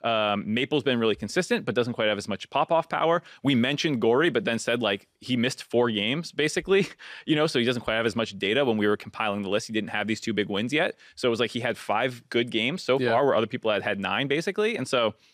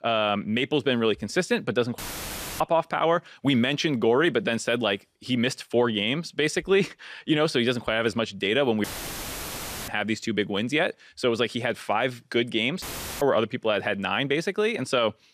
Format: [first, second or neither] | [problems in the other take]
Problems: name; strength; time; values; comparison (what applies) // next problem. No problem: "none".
first | audio cutting out; filled with static; at 2 s for 0.5 s, at 9 s for 1 s and at 13 s